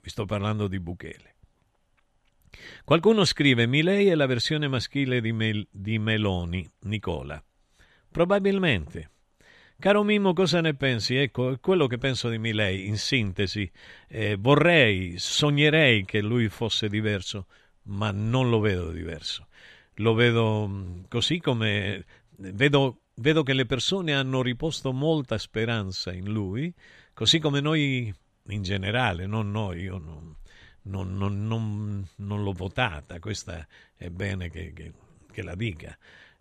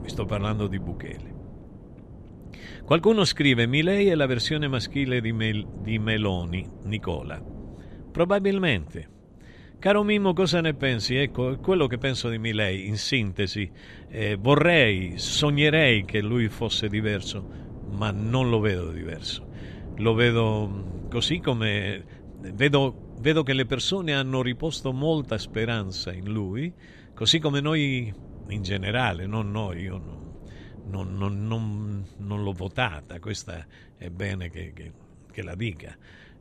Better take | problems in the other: first | wind noise on the microphone; occasional gusts; 25 dB below the speech

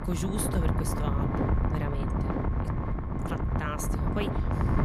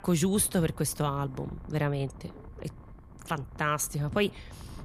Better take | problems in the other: second | wind noise on the microphone; heavy; 2 dB above the speech; occasional gusts in the second

